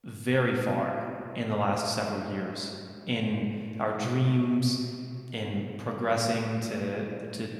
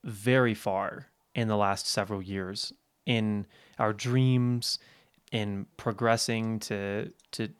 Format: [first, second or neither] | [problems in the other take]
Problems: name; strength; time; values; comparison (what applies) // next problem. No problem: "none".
second | room echo; noticeable; dies away in 2.2 s // off-mic speech; somewhat distant